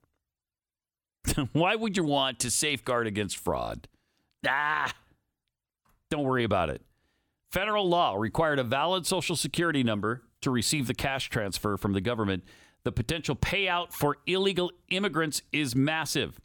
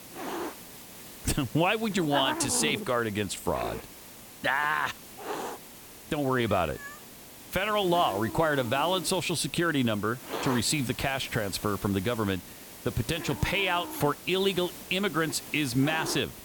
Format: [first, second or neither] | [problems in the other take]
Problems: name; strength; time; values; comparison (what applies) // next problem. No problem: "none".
first | hiss; noticeable; throughout; 10 dB below the speech